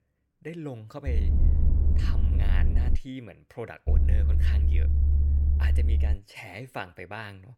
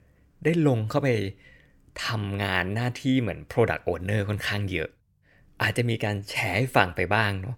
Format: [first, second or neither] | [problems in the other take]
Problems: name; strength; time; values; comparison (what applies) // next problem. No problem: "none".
second | low rumble; loud; from 1 to 3 s and from 4 to 6 s; 2 dB below the speech